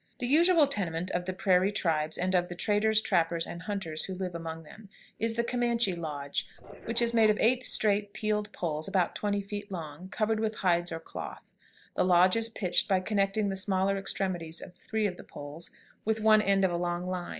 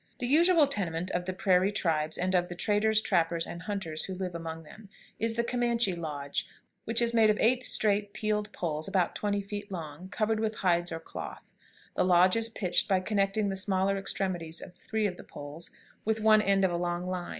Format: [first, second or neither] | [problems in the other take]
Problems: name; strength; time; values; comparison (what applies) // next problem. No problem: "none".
second | noise reduction (neural separator model SepFormer DNS4)